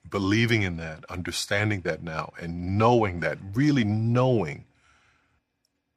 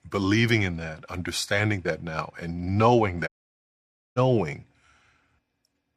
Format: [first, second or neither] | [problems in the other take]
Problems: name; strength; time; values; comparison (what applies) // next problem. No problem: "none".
first | audio cutting out; at 3.5 s for 1 s